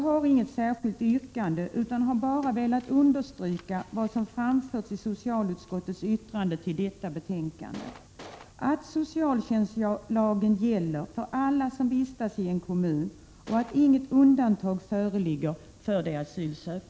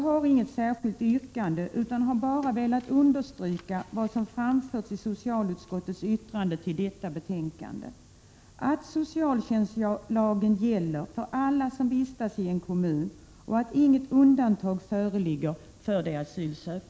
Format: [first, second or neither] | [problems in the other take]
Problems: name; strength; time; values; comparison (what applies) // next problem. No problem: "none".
second | background sound (Gunshot, gunfire); 18 dB below the speech